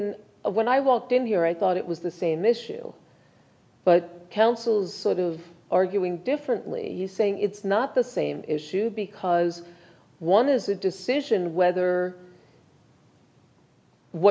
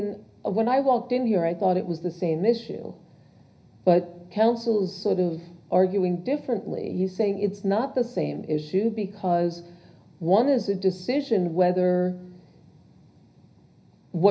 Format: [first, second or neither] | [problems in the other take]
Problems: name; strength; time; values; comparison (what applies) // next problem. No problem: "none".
first | room echo; dies away in 0.5 s